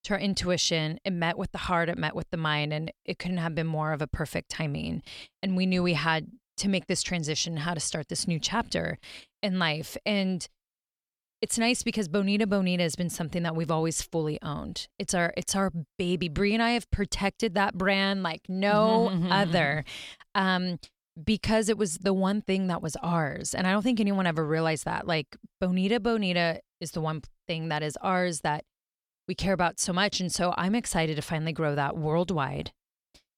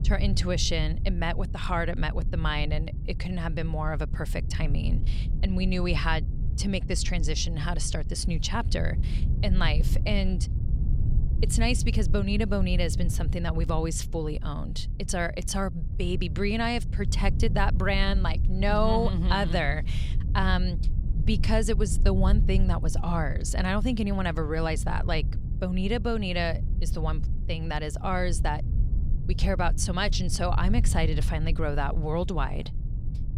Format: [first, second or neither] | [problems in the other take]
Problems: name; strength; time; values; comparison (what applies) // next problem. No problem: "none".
first | low rumble; noticeable; throughout; 15 dB below the speech